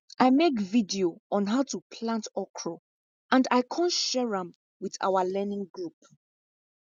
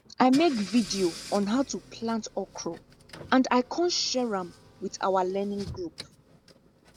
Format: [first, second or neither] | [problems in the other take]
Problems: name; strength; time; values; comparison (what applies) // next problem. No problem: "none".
first | background sound (Engine / Car); 17 dB below the speech